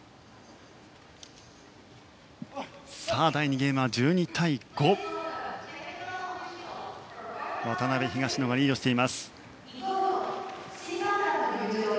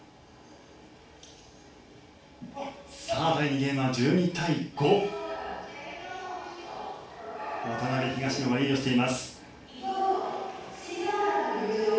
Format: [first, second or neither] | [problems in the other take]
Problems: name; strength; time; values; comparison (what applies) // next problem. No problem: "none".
first | room echo; dies away in 0.4 s